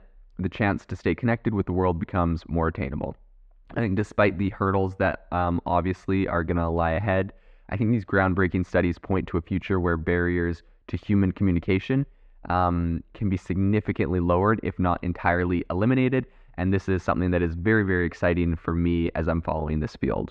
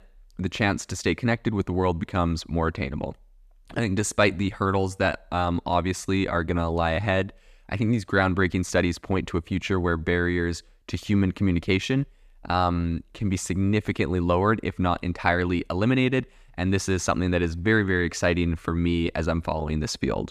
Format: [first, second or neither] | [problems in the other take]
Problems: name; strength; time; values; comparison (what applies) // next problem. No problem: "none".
second | muffled; very; fading above 2 kHz